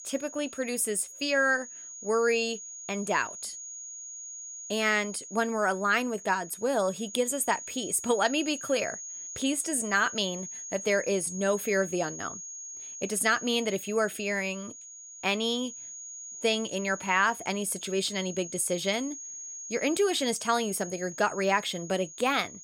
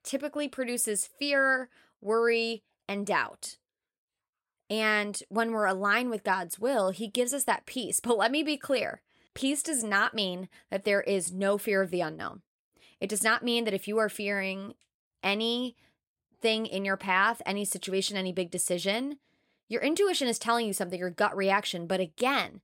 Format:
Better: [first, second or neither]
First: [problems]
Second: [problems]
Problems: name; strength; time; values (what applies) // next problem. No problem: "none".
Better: second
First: high-pitched whine; noticeable; throughout; 6.5 kHz, 10 dB below the speech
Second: none